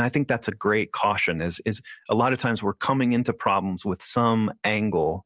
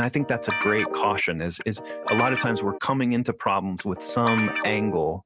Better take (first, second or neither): first